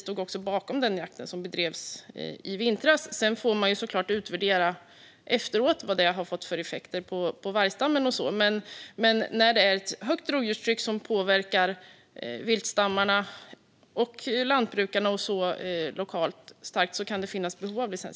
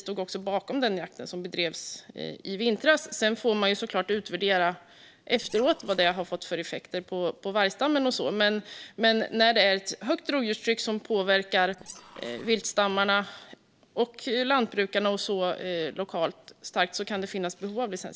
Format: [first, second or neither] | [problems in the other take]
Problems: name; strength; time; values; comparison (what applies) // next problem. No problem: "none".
first | noise reduction (neural separator model SepFormer DNS4)